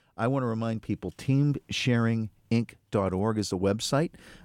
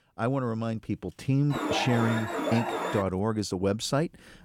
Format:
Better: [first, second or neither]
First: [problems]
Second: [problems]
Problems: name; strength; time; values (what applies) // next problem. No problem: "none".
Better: first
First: none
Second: alarm; noticeable; from 1.5 to 3 s; peak 1 dB below the speech